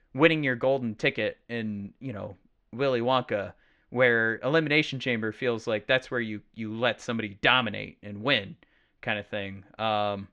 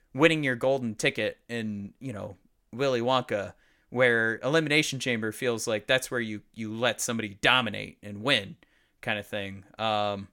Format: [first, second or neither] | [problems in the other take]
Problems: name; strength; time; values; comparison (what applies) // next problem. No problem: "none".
second | muffled; slightly; fading above 3.5 kHz